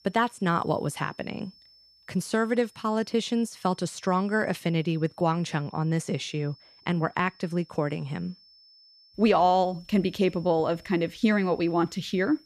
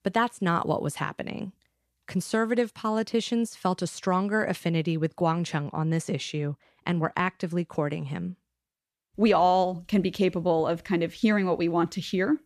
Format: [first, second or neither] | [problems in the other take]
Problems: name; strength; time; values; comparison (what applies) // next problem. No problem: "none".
second | high-pitched whine; faint; throughout; 5.5 kHz, 25 dB below the speech